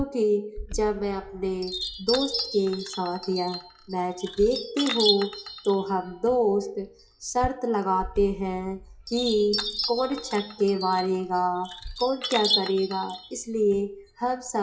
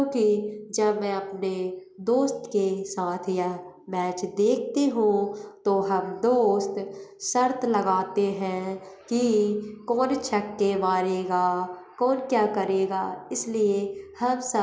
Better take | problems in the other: second | noise reduction (classical method WPE with log-MMSE)

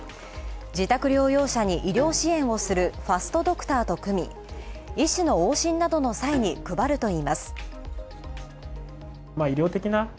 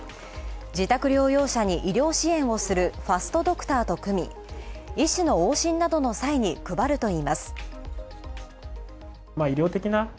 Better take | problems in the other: second | background sound (Bowed string instrument + Bowed string instrument); 19 dB below the speech

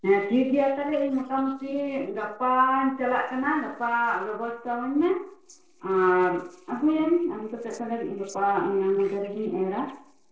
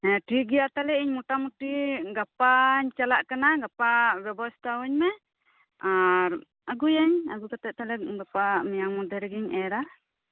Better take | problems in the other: second | noise reduction (neural separator model SepFormer DNS4)

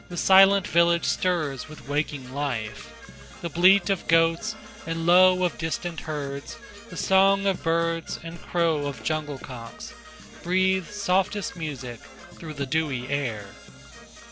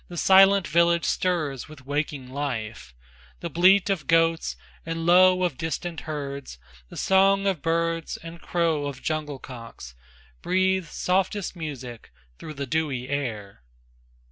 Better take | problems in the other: second | background sound (Brass instrument / Percussion); 17 dB below the speech

